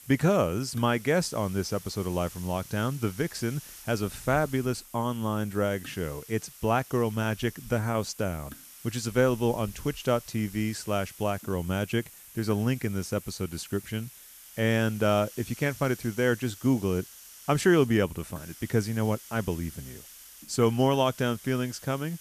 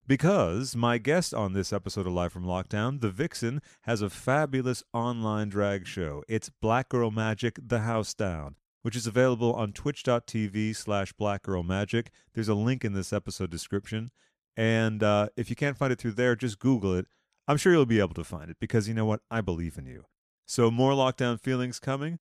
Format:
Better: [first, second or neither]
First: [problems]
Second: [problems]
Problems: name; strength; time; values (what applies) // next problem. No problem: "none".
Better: second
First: hiss; noticeable; throughout; 15 dB below the speech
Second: none